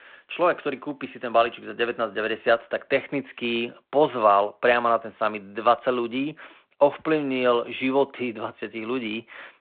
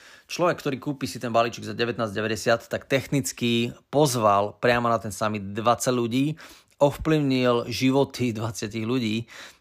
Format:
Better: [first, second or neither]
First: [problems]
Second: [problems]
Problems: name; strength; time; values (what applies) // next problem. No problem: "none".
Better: second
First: phone-call audio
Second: none